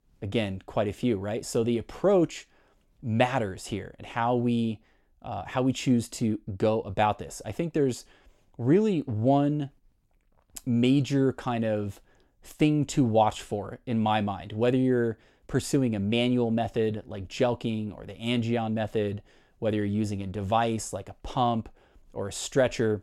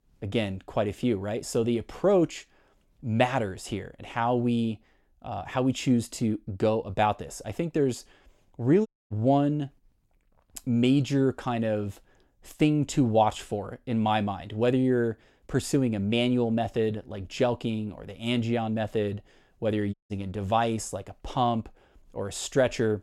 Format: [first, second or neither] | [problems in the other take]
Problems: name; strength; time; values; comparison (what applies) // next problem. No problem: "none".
first | audio cutting out; at 9 s and at 20 s